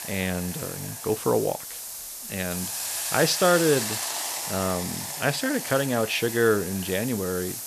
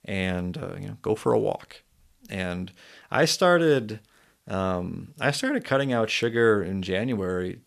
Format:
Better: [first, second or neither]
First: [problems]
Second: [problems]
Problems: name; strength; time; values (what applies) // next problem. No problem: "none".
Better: second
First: hiss; loud; throughout; 5 dB below the speech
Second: none